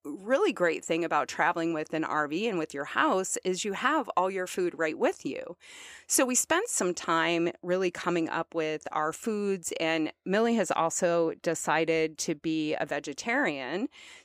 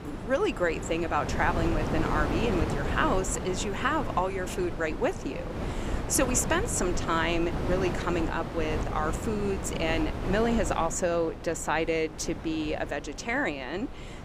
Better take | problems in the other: first | wind noise on the microphone; heavy; 8 dB below the speech

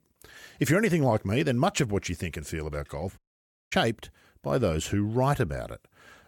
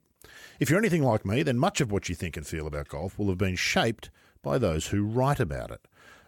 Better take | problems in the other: second | audio cutting out; at 3 s for 0.5 s

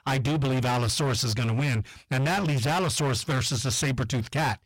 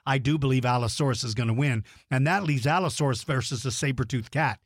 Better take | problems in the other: second | distortion; heavy; 36% of the sound clipped

